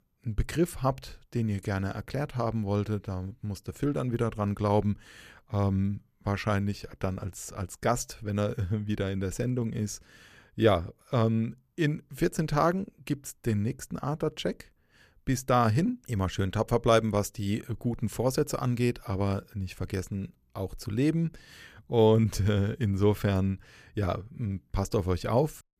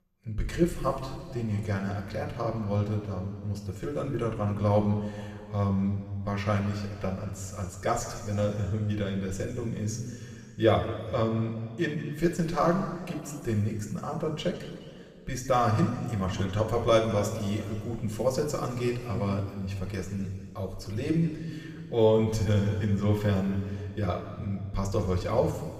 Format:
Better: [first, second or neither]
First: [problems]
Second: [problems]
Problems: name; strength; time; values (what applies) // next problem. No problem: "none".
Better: first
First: none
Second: room echo; noticeable; dies away in 2.1 s // off-mic speech; somewhat distant